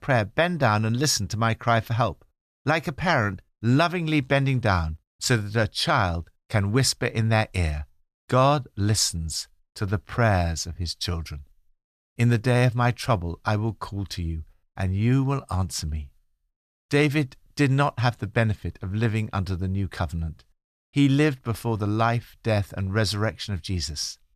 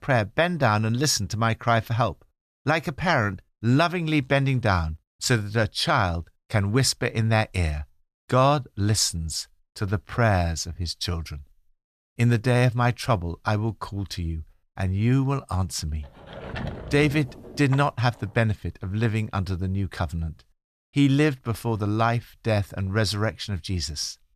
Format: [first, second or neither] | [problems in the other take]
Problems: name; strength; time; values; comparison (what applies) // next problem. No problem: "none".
first | door banging; noticeable; from 16 to 18 s; peak 9 dB below the speech